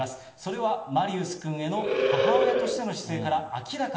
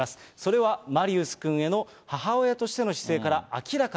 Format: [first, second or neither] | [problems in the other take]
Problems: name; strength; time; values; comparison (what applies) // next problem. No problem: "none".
second | background sound (Animal); 4 dB above the speech // room echo; dies away in 1.6 s